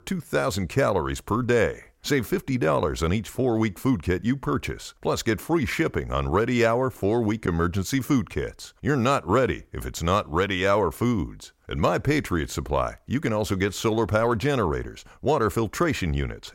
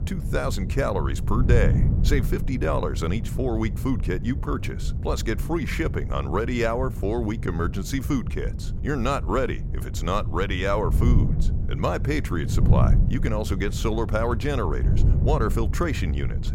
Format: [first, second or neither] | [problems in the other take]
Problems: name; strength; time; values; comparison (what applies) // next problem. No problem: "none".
first | wind noise on the microphone; occasional gusts; 10 dB below the speech